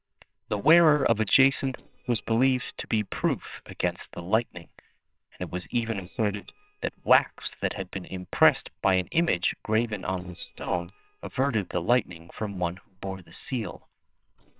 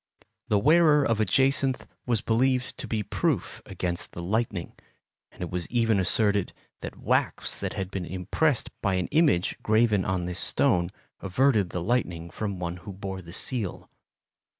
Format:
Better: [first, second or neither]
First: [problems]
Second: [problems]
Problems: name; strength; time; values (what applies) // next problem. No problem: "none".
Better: second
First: noise reduction (neural separator model SepFormer WHAMR!)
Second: none